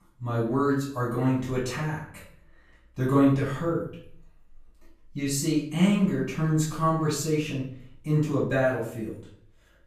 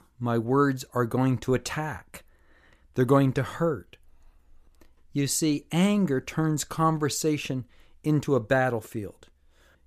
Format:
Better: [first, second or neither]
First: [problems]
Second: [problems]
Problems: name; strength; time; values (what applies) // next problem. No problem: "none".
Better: second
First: off-mic speech; far // room echo; noticeable; dies away in 0.5 s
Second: none